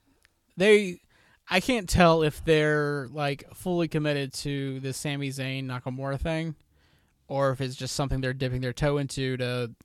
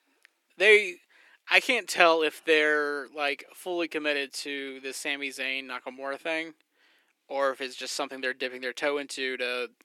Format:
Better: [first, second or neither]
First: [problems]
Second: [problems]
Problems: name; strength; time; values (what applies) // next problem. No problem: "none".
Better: first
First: none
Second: thin; somewhat; fading below 300 Hz